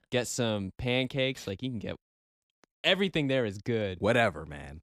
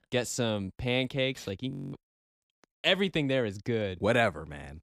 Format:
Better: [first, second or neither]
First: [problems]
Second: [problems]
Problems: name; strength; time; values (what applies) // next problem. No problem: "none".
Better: first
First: none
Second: audio freezing; at 1.5 s